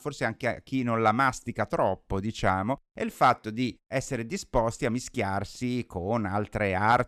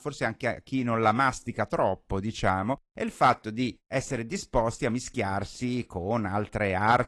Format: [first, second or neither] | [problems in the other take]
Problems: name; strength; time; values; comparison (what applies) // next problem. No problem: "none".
first | garbled, watery; slightly